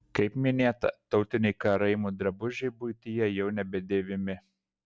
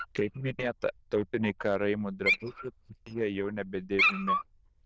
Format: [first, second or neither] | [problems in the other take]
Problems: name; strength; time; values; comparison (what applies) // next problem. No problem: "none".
first | noise reduction (neural diffusion model UNIVERSE++)